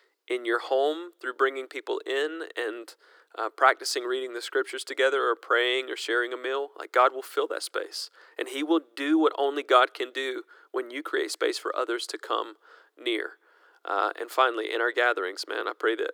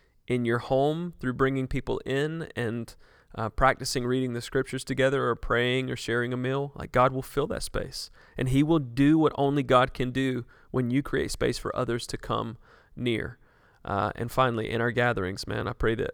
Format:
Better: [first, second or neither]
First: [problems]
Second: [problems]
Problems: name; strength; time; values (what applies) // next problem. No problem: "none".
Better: second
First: thin; very; fading below 300 Hz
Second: none